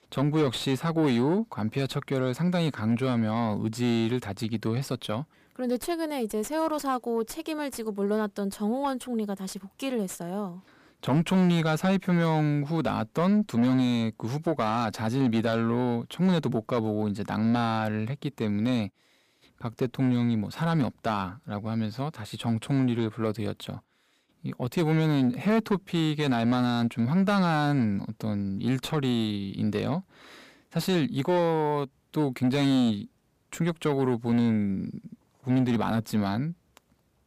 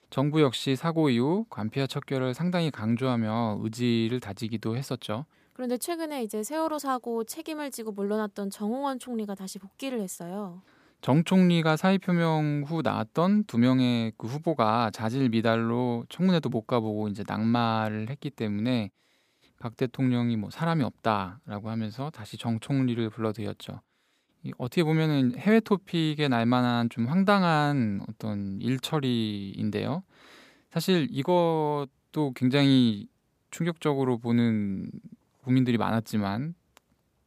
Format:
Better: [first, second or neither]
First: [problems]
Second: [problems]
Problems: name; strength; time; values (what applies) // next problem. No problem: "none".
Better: second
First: distortion; slight; 10 dB below the speech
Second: none